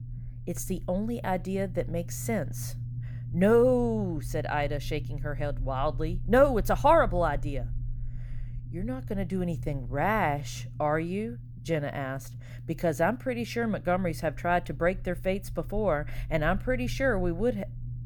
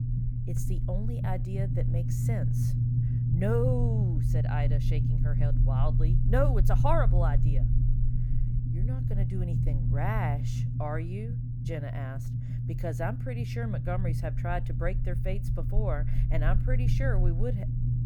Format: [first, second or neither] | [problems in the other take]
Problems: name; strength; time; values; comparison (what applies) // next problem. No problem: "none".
first | low rumble; loud; throughout; 5 dB below the speech; faint in the first